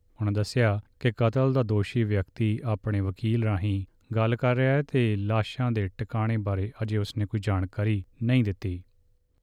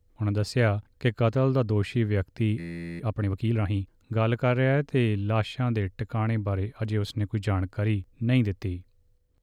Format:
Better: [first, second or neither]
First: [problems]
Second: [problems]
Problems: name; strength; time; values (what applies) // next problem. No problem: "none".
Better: first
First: none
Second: audio freezing; at 2.5 s